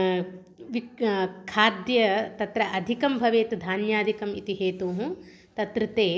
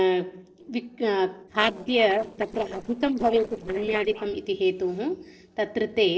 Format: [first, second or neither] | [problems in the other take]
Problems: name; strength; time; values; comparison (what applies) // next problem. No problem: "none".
first | noise reduction (neural separator model SepFormer DNS4)